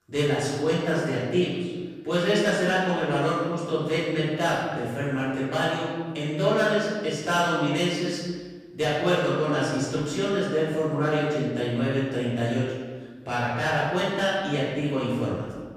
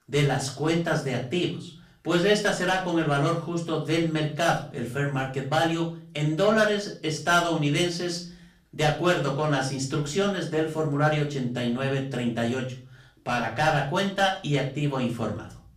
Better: second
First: room echo; strong; dies away in 1.4 s // off-mic speech; far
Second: room echo; slight; dies away in 0.4 s // off-mic speech; far

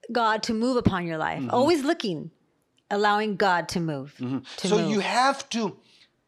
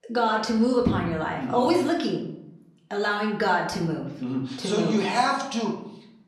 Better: first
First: none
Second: off-mic speech; far // room echo; slight; dies away in 0.6 s

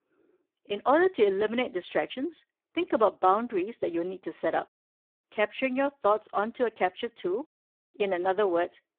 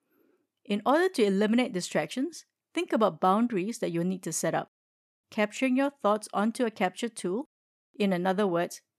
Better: second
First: phone-call audio; poor line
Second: none

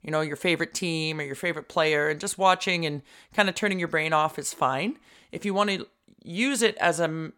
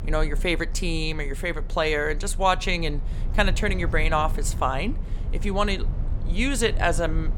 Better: first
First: none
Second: low rumble; faint; throughout; 20 dB below the speech

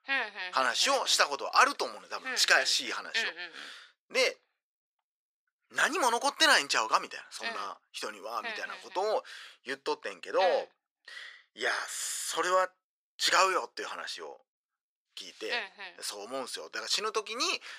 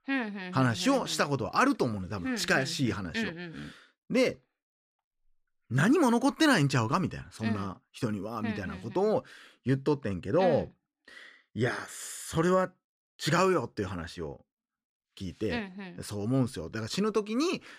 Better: second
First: thin; very; fading below 600 Hz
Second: none

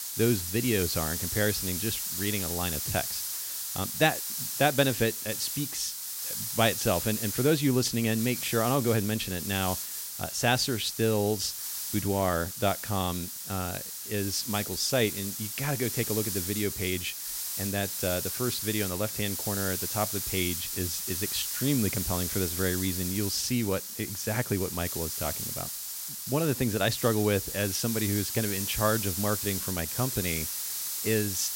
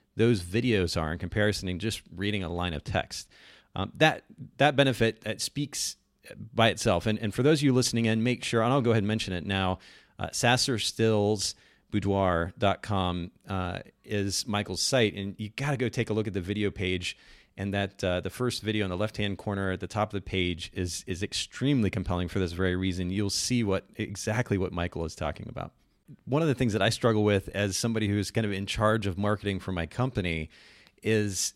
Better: second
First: hiss; loud; throughout; 2 dB below the speech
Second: none

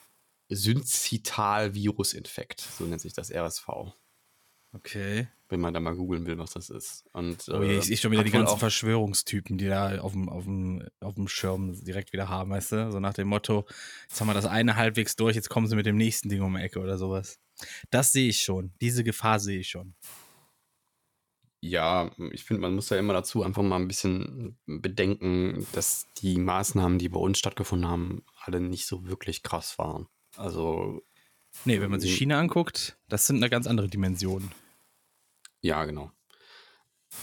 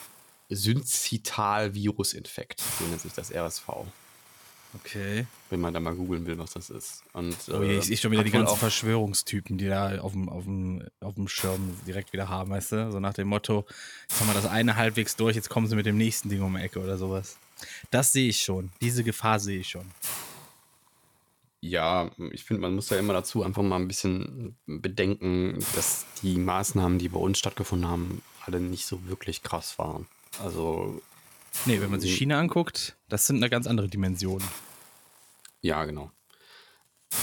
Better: first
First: hiss; faint; throughout; 20 dB below the speech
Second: hiss; loud; throughout; 8 dB below the speech

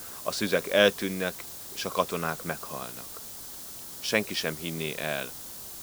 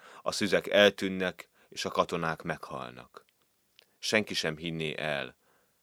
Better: second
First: hiss; loud; throughout; 10 dB below the speech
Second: none

